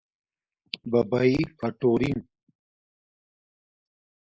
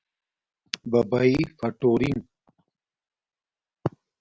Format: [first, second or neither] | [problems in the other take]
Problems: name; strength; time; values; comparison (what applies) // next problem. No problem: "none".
second | noise reduction (neural mask model Resemble Enhance denoiser)